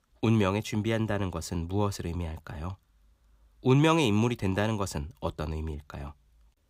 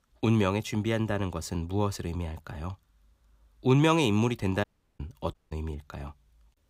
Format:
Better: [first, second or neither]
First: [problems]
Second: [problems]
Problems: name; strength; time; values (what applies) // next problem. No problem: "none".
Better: first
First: none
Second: audio cutting out; at 4.5 s and at 5.5 s